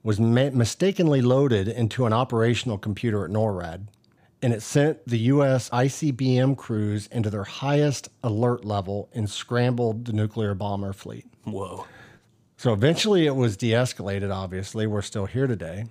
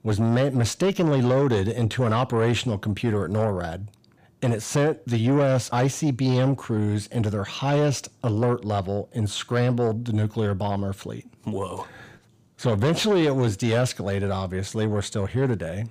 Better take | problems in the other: first | distortion; slight; 10 dB below the speech

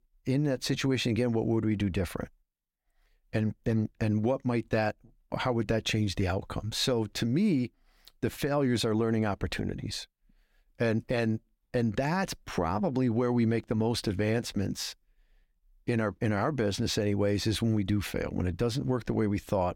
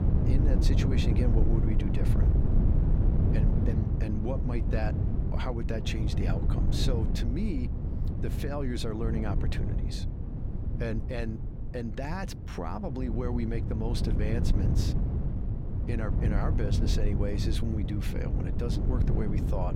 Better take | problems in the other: first | wind noise on the microphone; heavy; 3 dB below the speech

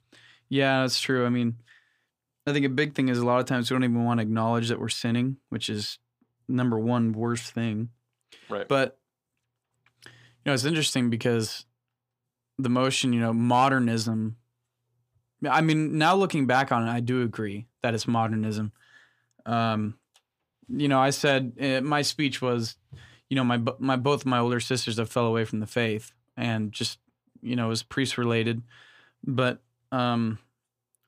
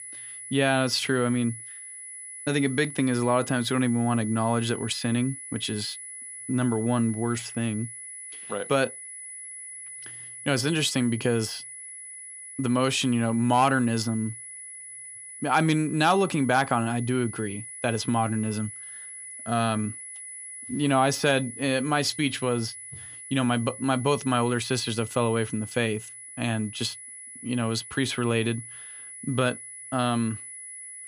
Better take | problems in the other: first | high-pitched whine; noticeable; throughout; 10 kHz, 10 dB below the speech

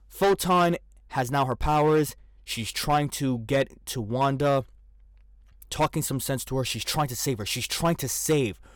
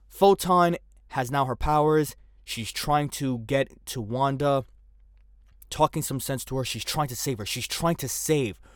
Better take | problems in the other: second | distortion; slight; 4% of the sound clipped

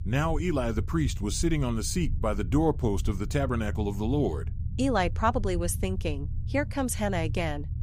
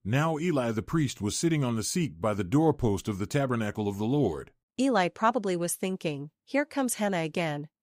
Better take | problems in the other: second | low rumble; noticeable; throughout; 20 dB below the speech

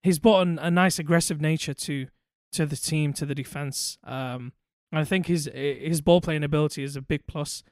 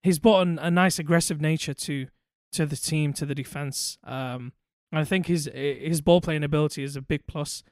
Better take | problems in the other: neither | none

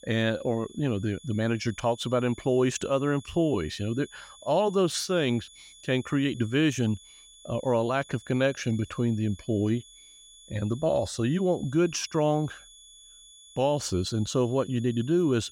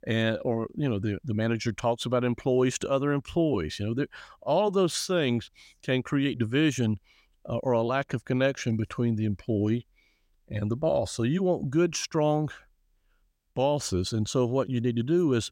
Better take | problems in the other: second | high-pitched whine; faint; throughout; 3.5 kHz, 20 dB below the speech

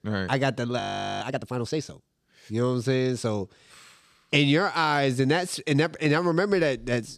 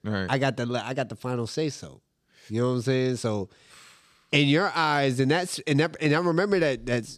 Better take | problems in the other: second | audio freezing; at 1 s

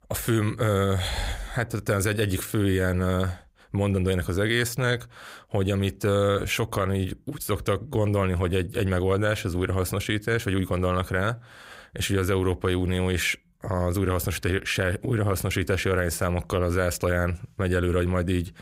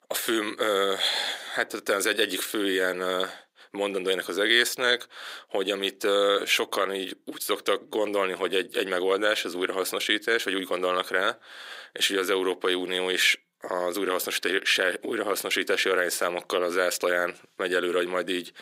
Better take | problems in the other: first | thin; very; fading below 300 Hz

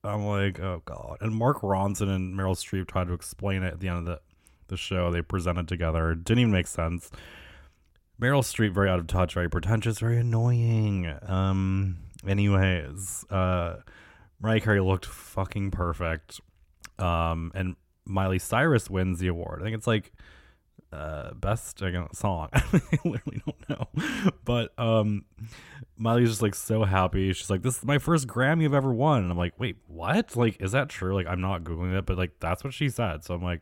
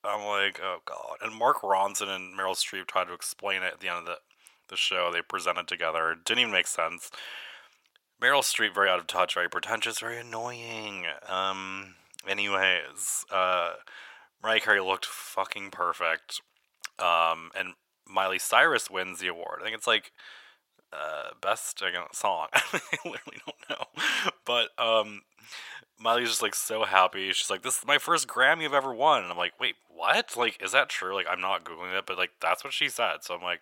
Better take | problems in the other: first | thin; very; fading below 800 Hz

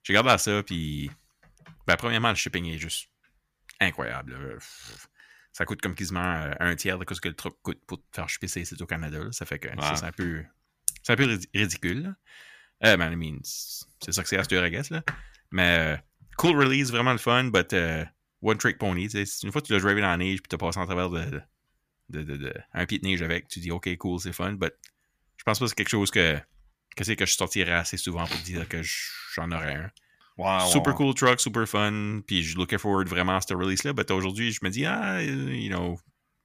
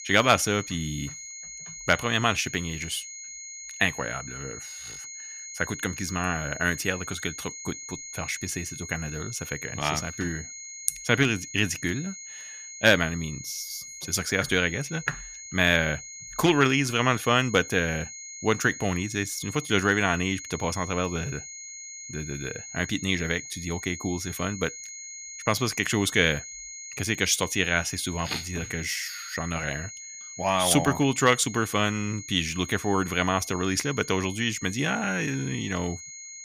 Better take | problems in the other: first | high-pitched whine; noticeable; throughout; 6.5 kHz, 10 dB below the speech

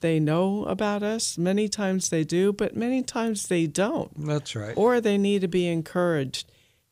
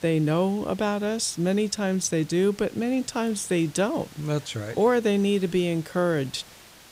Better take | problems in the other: first | hiss; faint; throughout; 20 dB below the speech

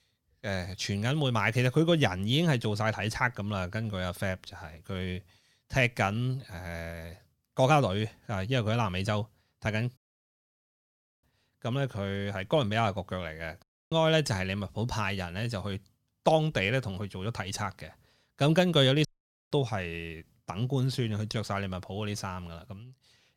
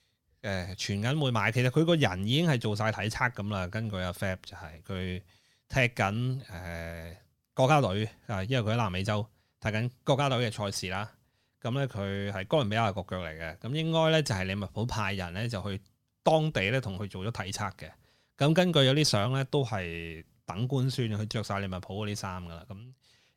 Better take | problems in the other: second | audio cutting out; at 10 s for 1.5 s, at 14 s and at 19 s

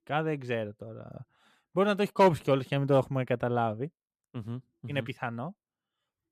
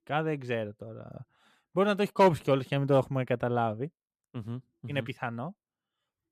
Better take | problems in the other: neither | none

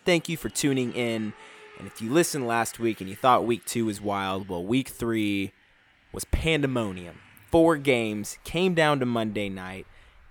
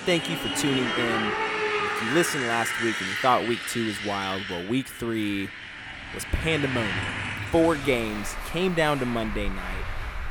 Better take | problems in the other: first | traffic noise; loud; throughout; 3 dB below the speech; faint in the first

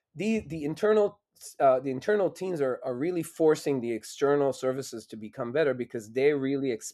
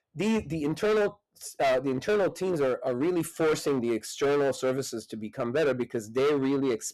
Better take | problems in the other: first | distortion; heavy; 16% of the sound clipped

